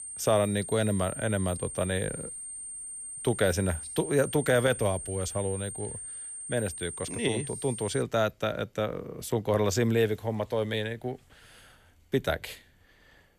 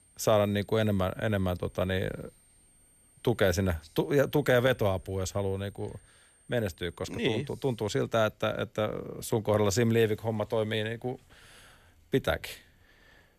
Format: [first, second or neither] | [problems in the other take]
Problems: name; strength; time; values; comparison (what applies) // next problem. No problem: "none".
second | high-pitched whine; loud; until 8 s; 8.5 kHz, 8 dB below the speech; faint in the second